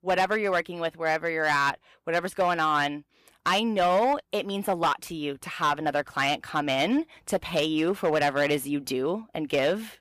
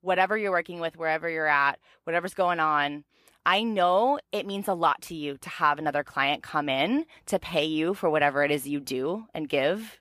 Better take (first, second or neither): second